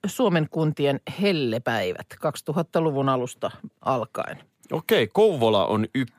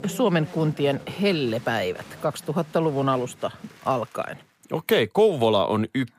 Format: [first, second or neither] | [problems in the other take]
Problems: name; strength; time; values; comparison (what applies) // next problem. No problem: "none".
first | crowd noise; noticeable; until 4 s; 20 dB below the speech